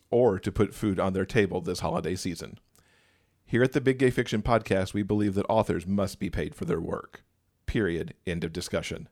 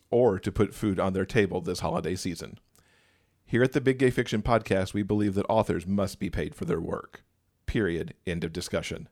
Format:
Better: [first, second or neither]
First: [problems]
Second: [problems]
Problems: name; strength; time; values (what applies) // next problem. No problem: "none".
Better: neither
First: none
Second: none